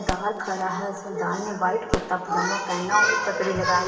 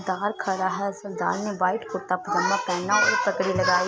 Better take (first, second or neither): second